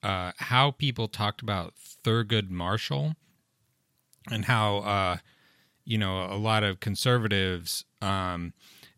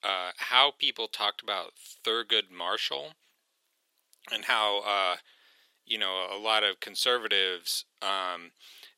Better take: first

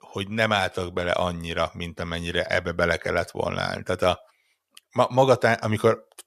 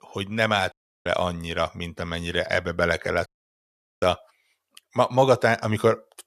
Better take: first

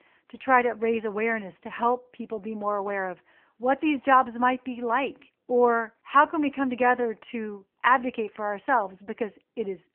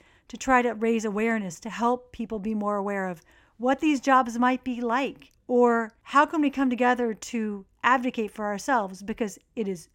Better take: second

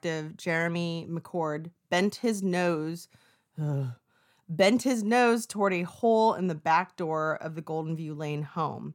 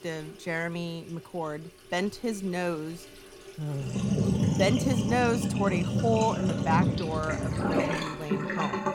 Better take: first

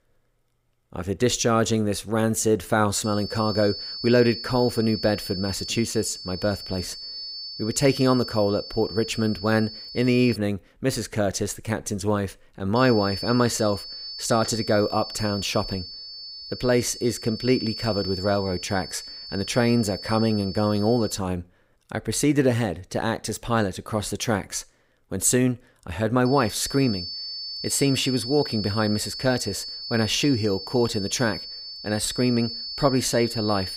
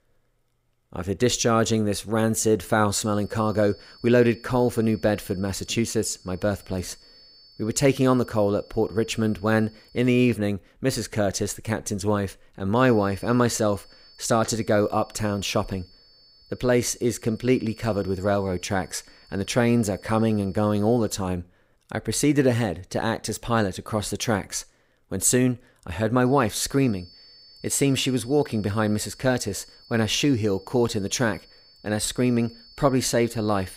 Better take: second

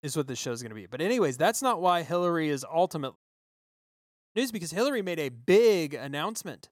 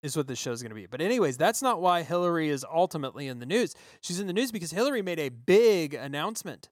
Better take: second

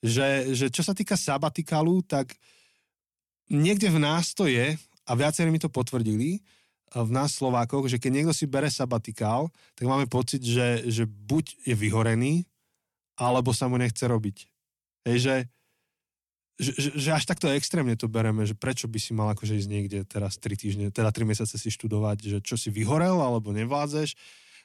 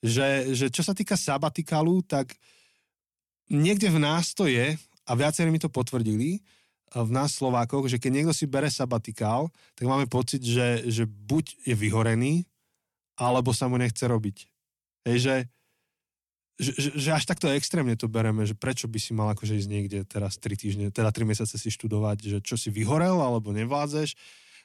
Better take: neither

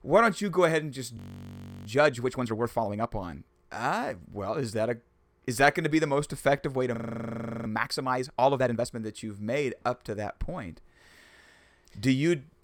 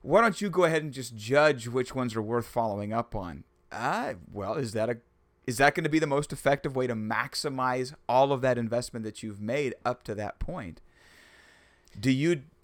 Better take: second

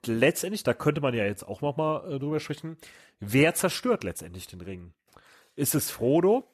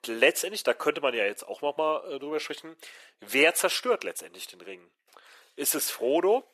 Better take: first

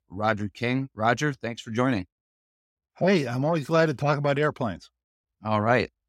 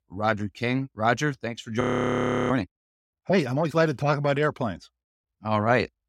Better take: first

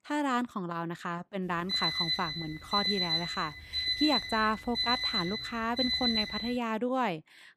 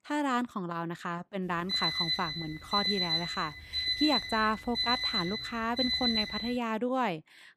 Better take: neither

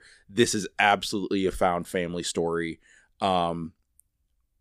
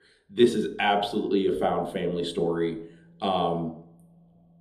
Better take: first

